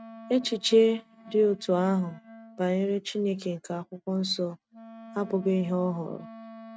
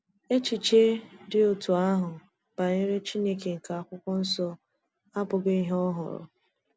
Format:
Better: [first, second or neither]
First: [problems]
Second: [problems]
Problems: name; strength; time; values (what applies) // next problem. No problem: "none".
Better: second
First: noise reduction (neural mask model RNNoise)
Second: none